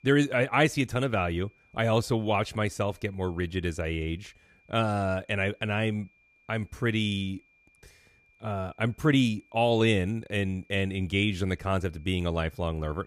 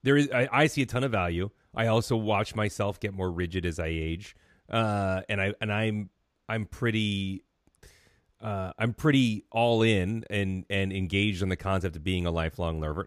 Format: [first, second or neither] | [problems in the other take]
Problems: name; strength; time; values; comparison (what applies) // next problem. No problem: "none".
second | high-pitched whine; faint; throughout; 2.5 kHz, 35 dB below the speech